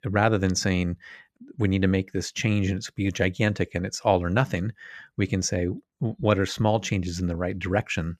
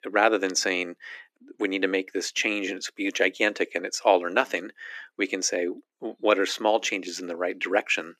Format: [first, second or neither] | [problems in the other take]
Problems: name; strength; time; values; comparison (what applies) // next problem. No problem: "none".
first | thin; somewhat; fading below 300 Hz